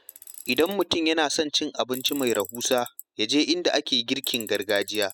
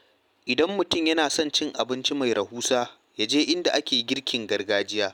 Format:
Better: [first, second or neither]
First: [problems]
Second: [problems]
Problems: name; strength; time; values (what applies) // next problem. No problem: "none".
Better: second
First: noise reduction (classical method spectral subtraction)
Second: none